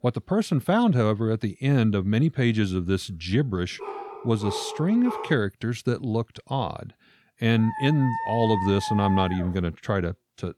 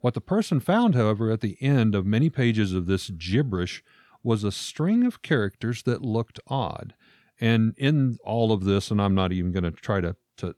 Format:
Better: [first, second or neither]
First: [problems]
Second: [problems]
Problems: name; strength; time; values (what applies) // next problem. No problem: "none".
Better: second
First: dog barking; noticeable; from 4 to 5.5 s and from 7.5 to 9.5 s; peak 4 dB below the speech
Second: none